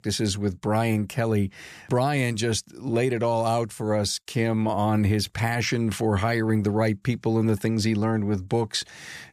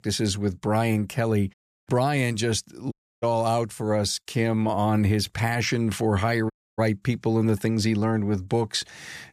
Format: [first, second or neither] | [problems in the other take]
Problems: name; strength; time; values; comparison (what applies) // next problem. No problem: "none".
first | audio cutting out; at 1.5 s, at 3 s and at 6.5 s